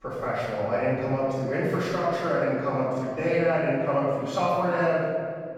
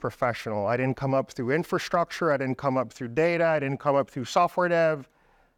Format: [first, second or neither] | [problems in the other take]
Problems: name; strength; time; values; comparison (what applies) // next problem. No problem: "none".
second | room echo; strong; dies away in 2 s // off-mic speech; far